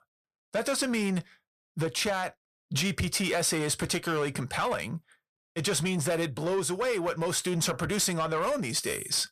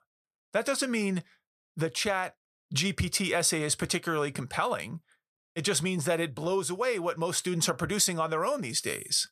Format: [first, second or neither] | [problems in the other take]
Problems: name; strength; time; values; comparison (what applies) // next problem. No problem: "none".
second | distortion; slight; 10 dB below the speech